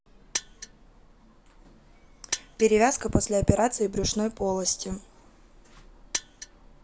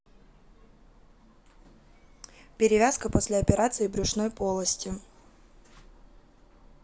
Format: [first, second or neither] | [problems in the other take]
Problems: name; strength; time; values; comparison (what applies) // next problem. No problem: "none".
second | background sound (Mechanisms); 8 dB below the speech